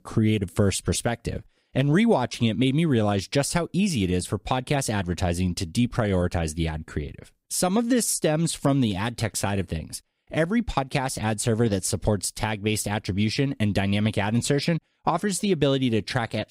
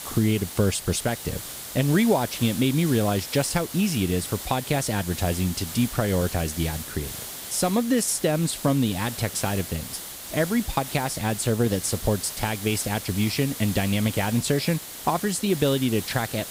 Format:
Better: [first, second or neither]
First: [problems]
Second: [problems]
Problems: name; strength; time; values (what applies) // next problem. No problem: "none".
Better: first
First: none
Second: hiss; loud; throughout; 9 dB below the speech